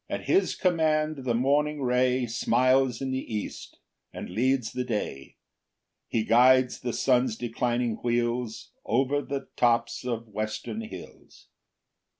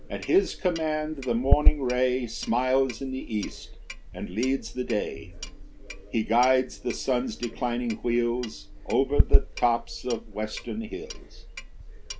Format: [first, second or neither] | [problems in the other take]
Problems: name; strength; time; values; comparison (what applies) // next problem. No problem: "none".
first | background sound (Clock); as loud as the speech // room echo; dies away in 0.3 s